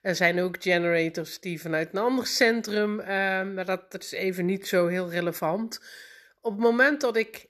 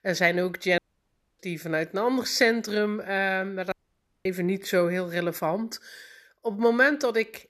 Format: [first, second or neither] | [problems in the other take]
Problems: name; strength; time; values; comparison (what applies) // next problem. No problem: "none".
first | audio cutting out; at 1 s for 0.5 s and at 3.5 s for 0.5 s